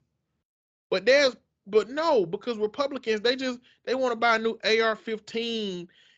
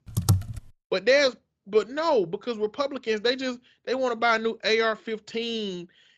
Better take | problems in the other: first | keyboard typing; loud; at the start; peak 1 dB above the speech

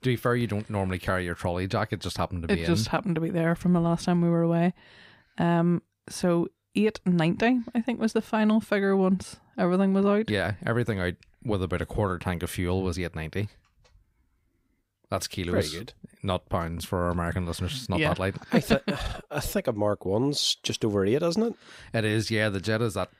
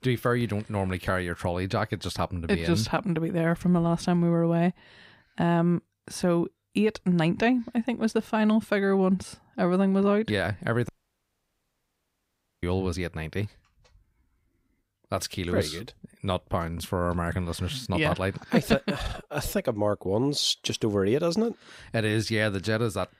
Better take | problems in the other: first | audio cutting out; at 11 s for 1.5 s

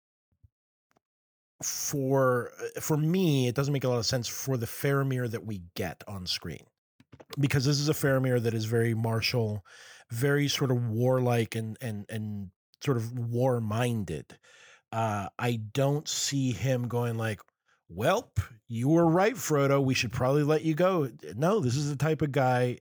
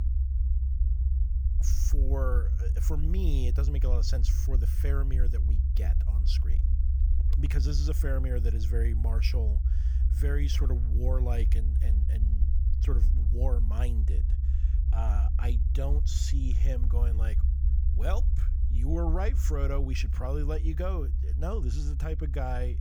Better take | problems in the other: first | low rumble; loud; throughout; 8 dB below the speech

